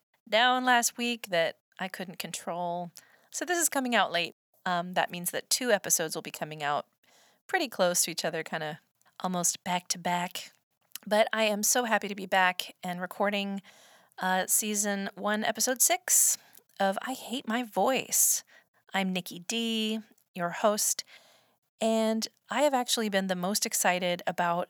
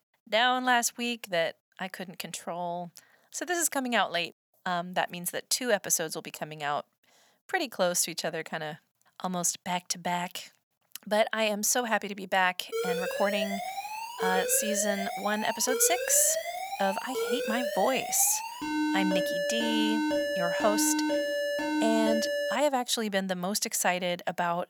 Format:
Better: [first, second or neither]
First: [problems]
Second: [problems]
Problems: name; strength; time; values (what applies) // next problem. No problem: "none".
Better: first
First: none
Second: alarm; loud; from 13 to 23 s; peak 1 dB above the speech